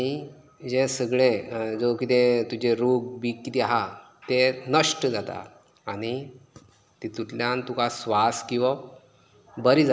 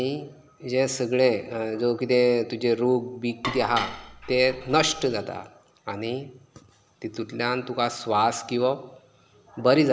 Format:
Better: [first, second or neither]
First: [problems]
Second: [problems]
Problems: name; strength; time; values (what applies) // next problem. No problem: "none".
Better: first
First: none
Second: background sound (Dishes, pots, and pans); 11 dB below the speech